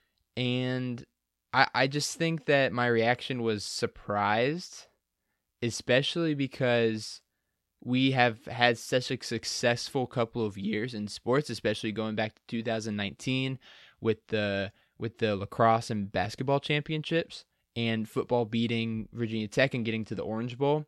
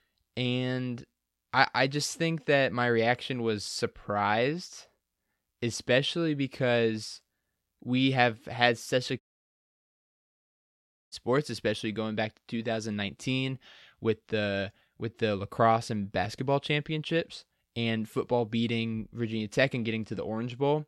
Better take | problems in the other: first | audio cutting out; at 9 s for 2 s

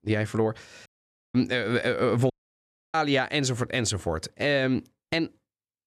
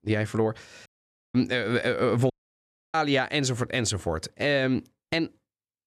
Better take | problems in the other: neither | audio cutting out; at 1 s and at 2.5 s for 0.5 s; the same in both

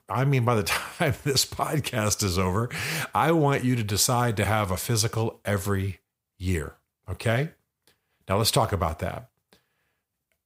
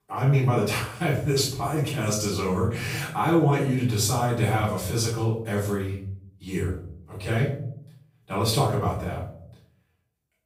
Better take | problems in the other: first | room echo; noticeable; dies away in 0.6 s // off-mic speech; far

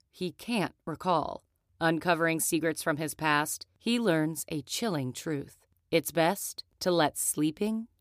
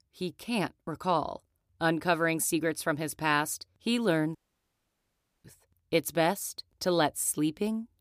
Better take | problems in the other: first | audio cutting out; at 4.5 s for 1 s

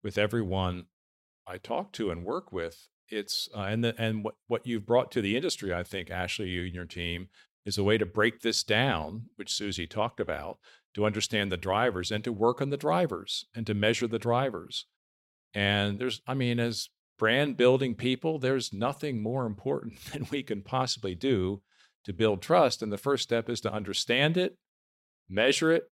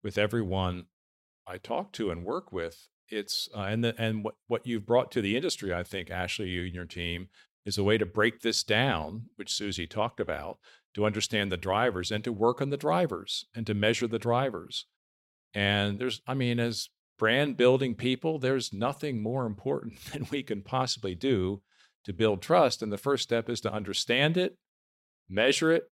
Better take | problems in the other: neither | none

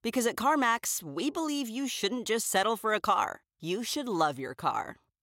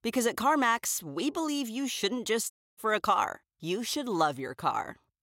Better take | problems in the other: first | audio cutting out; at 2.5 s

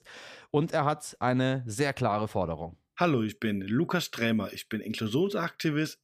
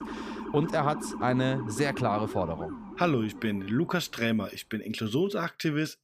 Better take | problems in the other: first | siren; noticeable; until 4 s; peak 7 dB below the speech

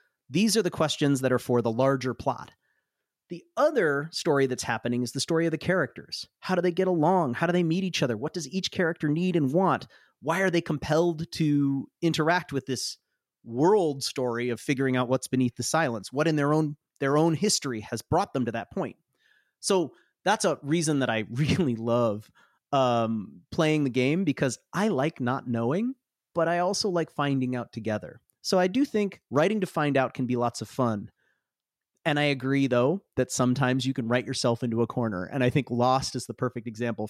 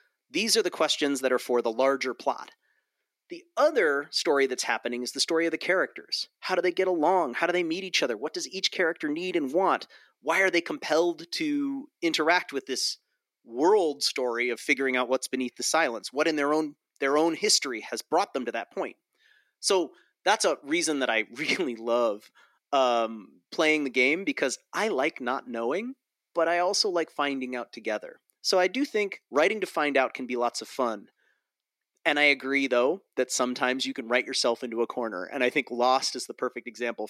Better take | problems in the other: first | thin; somewhat; fading below 300 Hz

